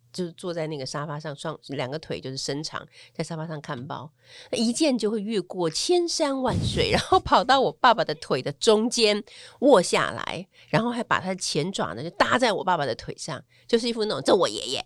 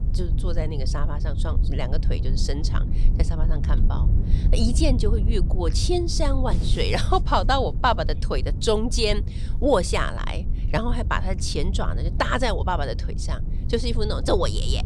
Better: first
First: none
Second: low rumble; noticeable; throughout; 15 dB below the speech

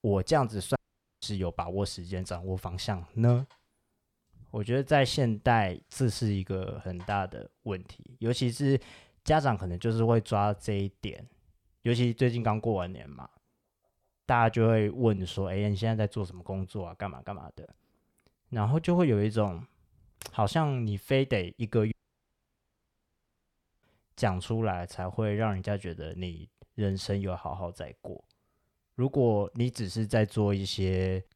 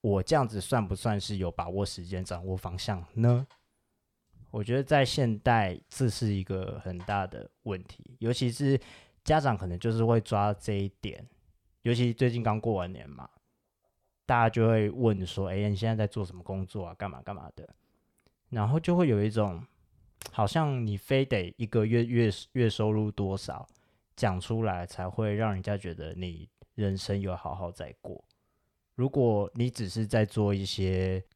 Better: second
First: audio cutting out; at 1 s and at 22 s for 2 s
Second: none

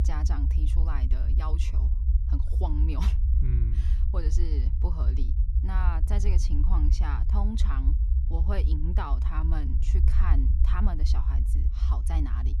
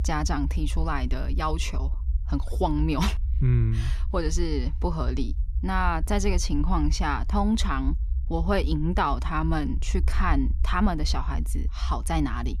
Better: second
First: low rumble; loud; throughout; 5 dB below the speech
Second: low rumble; faint; throughout; 20 dB below the speech

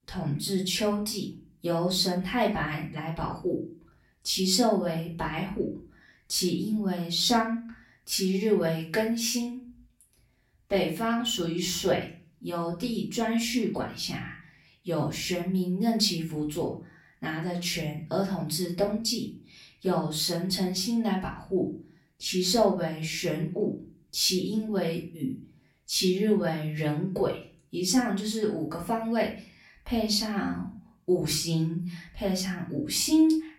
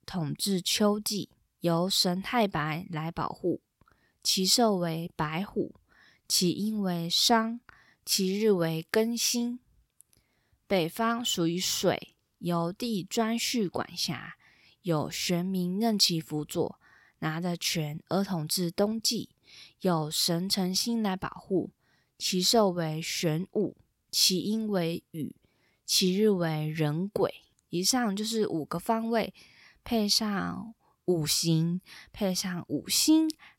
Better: second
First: room echo; slight; dies away in 0.4 s // off-mic speech; far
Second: none

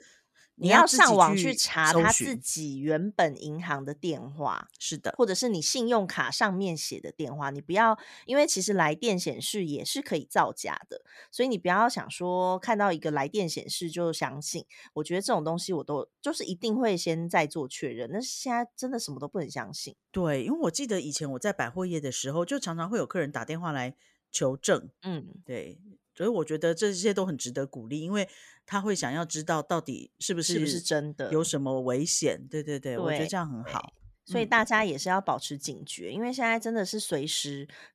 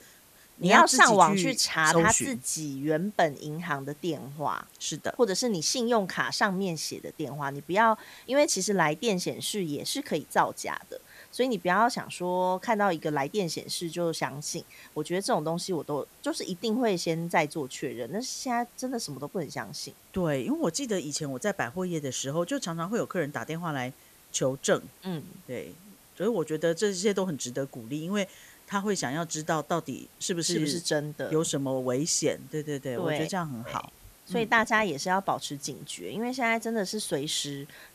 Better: first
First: none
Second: hiss; faint; throughout; 25 dB below the speech

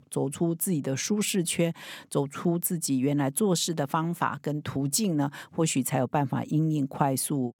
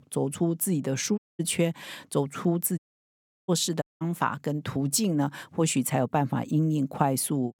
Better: first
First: none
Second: audio cutting out; at 1 s, at 3 s for 0.5 s and at 4 s

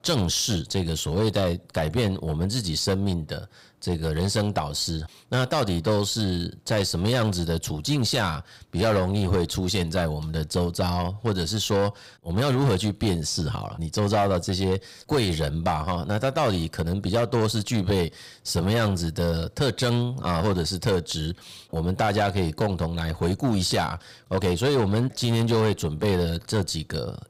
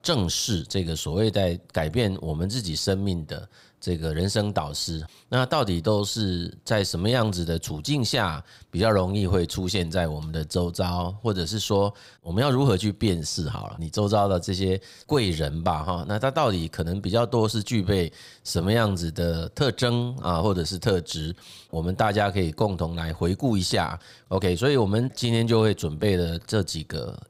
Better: second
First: distortion; slight; 8% of the sound clipped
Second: none

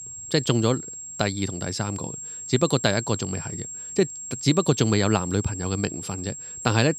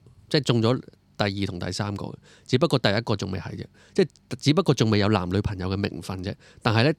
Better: second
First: high-pitched whine; loud; throughout; 7.5 kHz, 8 dB below the speech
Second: none

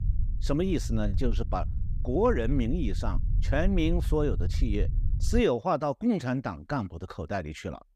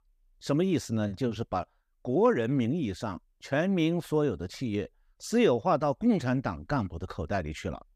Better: second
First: low rumble; noticeable; until 5.5 s; 20 dB below the speech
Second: none

